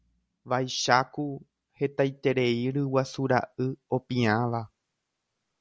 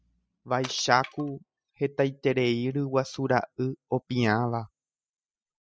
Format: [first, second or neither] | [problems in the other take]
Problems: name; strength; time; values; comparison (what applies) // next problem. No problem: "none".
first | noise reduction (classical method spectral subtraction)